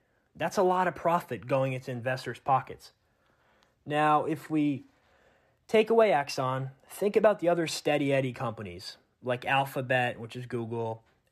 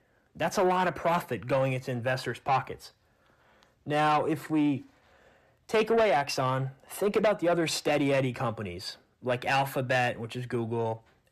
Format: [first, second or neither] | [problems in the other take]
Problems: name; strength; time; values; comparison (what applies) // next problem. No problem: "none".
first | distortion; slight; 10 dB below the speech